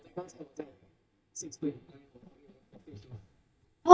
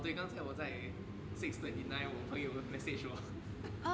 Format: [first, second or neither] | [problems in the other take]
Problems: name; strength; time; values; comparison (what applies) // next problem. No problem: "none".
second | noise reduction (neural mask model DeepFilterNet 3)